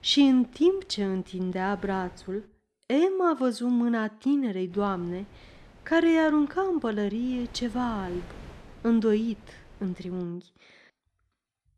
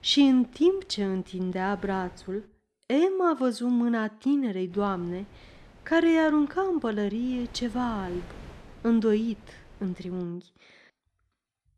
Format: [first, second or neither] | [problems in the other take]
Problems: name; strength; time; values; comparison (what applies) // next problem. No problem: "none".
neither | wind noise on the microphone; occasional gusts; until 2.5 s and from 4.5 to 10 s; 25 dB below the speech; the same in both